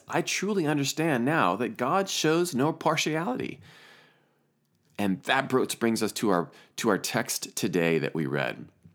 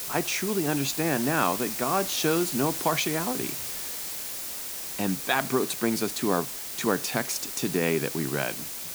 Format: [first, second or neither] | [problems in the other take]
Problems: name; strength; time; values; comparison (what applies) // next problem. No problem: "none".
first | hiss; loud; throughout; 4 dB below the speech